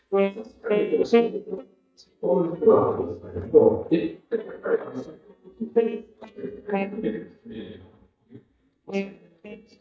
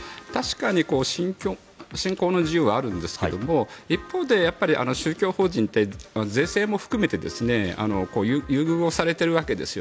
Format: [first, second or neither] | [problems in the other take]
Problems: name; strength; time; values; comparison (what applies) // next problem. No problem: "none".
second | noise reduction (neural mask model DeepFilterNet 3)